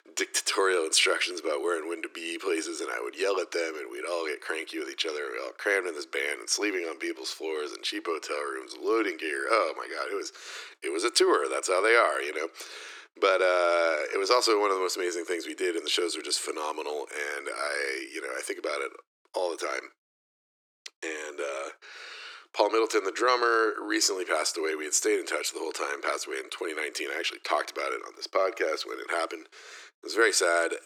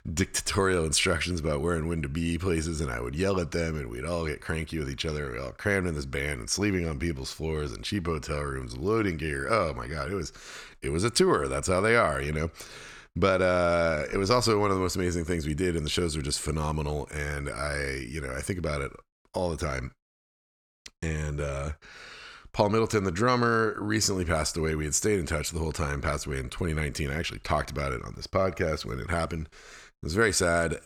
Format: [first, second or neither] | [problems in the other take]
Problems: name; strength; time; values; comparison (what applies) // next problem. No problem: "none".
second | thin; very; fading below 300 Hz